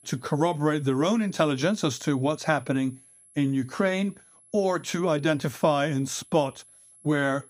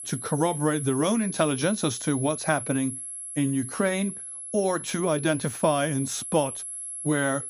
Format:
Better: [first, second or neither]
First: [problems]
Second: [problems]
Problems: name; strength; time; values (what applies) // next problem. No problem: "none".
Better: first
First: high-pitched whine; faint; throughout; 11 kHz, 25 dB below the speech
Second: high-pitched whine; loud; throughout; 11 kHz, 7 dB below the speech